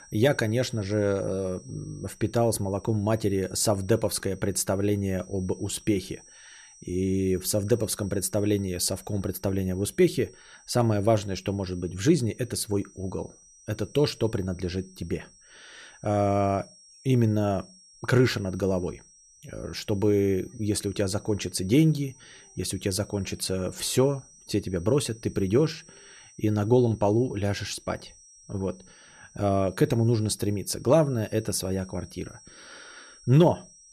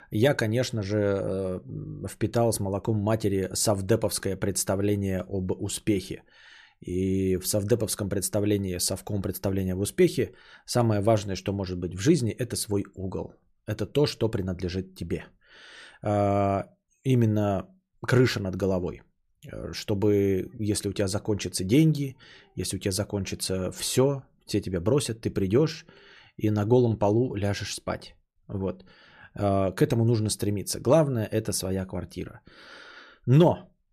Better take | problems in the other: second | high-pitched whine; faint; throughout; 5.5 kHz, 25 dB below the speech

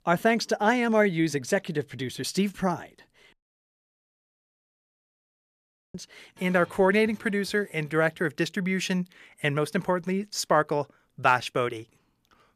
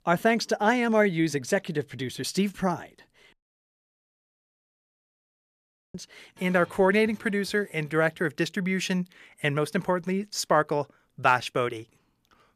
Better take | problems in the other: neither | audio cutting out; at 3.5 s for 2.5 s; the same in both

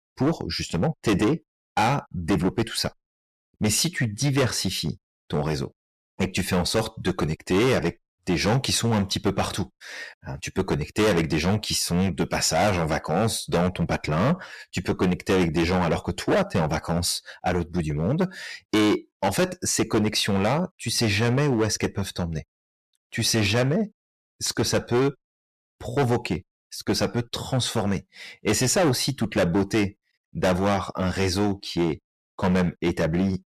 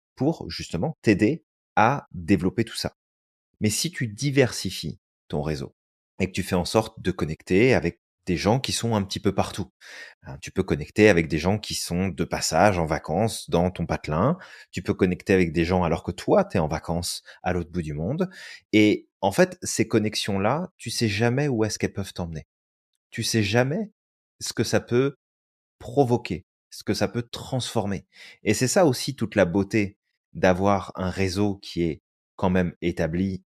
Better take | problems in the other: second | distortion; heavy; 11% of the sound clipped

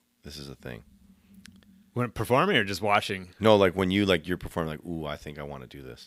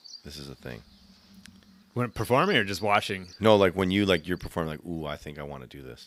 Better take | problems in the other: first | animal sounds; faint; throughout; 25 dB below the speech

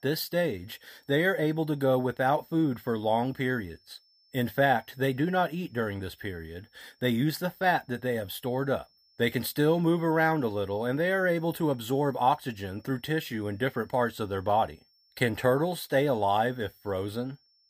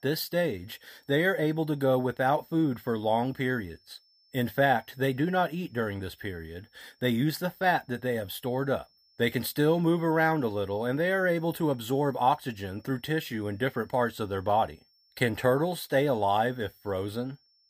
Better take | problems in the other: neither | high-pitched whine; faint; throughout; 5.5 kHz, 35 dB below the speech; the same in both

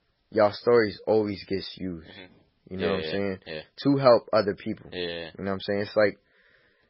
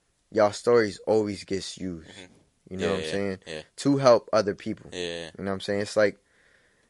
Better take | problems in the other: second | garbled, watery; badly; nothing above 5.5 kHz; slightly in the second

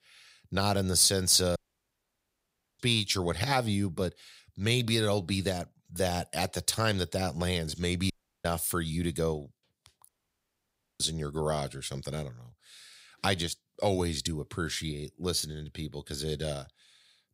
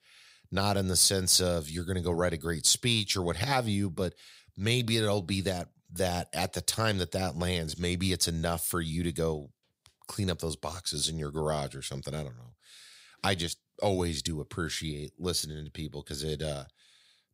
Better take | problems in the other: second | audio cutting out; at 1.5 s for 1 s, at 8 s and at 10 s for 1 s

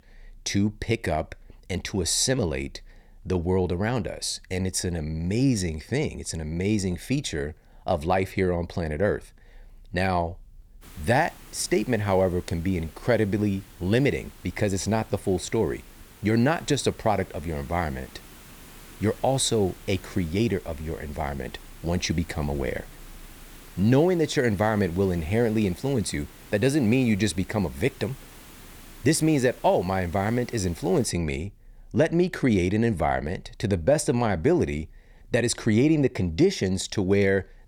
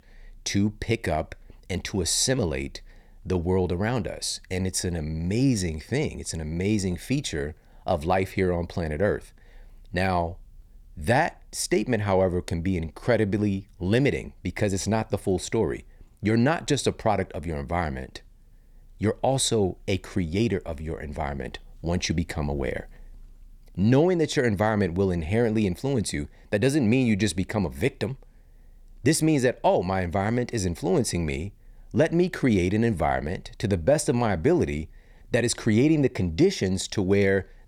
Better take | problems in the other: second | hiss; faint; from 11 to 31 s; 20 dB below the speech

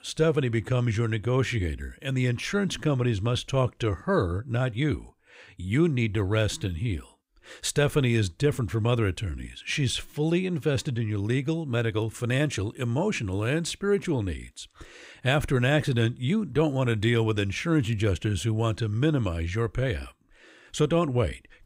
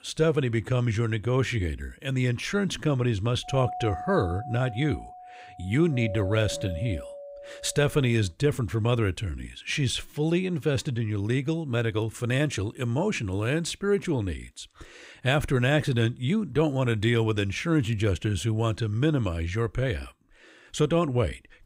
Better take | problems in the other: first | doorbell; noticeable; from 3.5 to 8 s; peak 8 dB below the speech

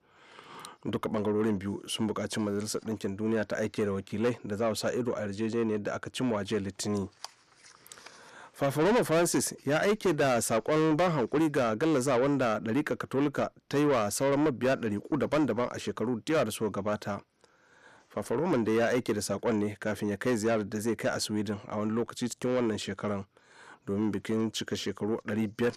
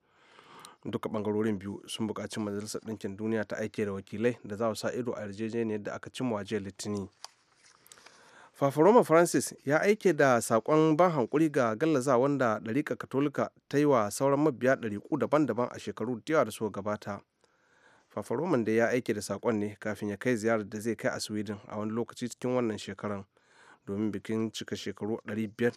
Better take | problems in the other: second | distortion; heavy; 7 dB below the speech

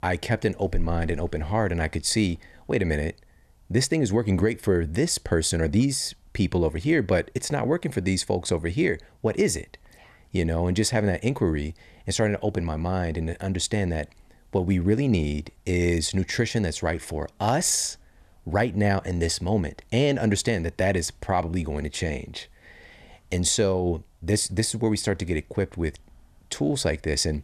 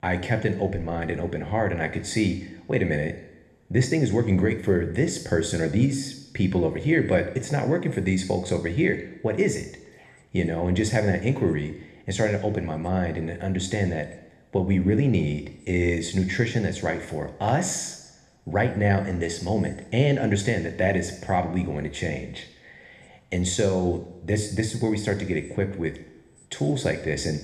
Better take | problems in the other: first | room echo; slight; dies away in 0.8 s

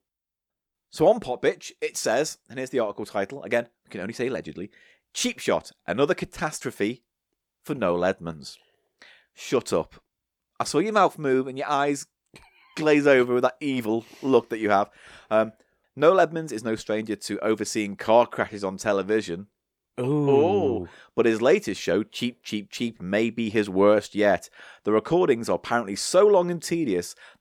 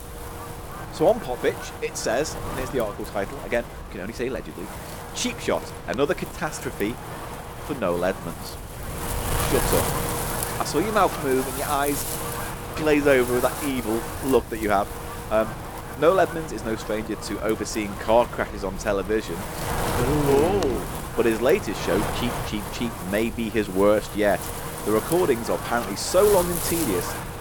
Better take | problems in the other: first | wind noise on the microphone; heavy; 7 dB below the speech

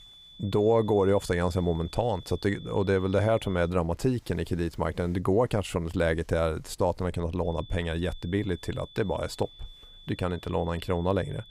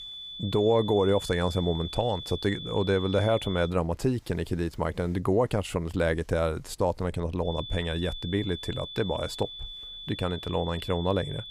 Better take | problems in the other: first | high-pitched whine; loud; until 3.5 s and from 7.5 s on; 3.5 kHz, 10 dB below the speech; faint in the first

